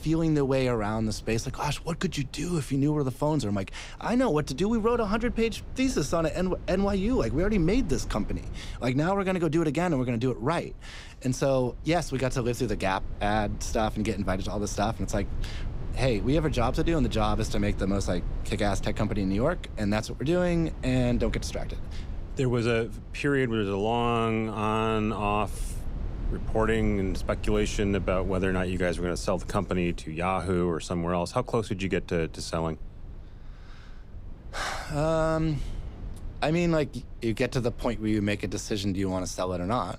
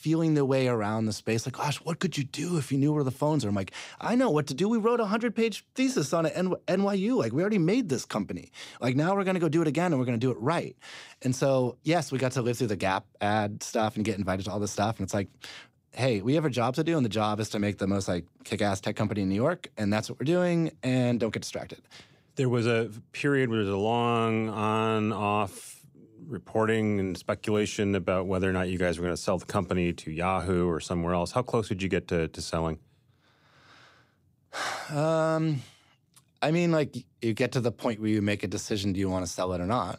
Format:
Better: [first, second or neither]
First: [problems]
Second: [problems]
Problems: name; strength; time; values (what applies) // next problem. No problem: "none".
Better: second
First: low rumble; faint; throughout; 20 dB below the speech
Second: none